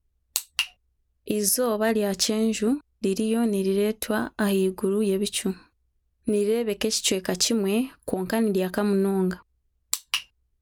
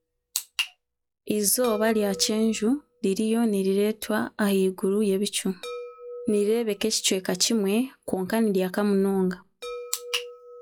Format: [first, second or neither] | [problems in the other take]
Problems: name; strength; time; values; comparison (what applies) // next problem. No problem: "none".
first | noise reduction (classical method log-MMSE)